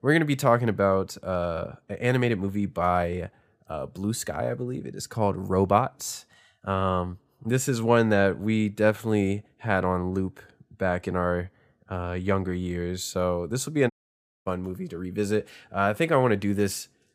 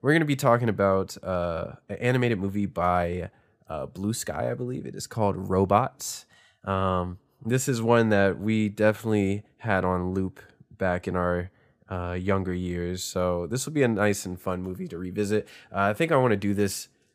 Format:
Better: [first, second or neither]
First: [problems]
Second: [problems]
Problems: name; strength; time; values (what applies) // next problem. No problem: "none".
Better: second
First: audio cutting out; at 14 s for 0.5 s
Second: none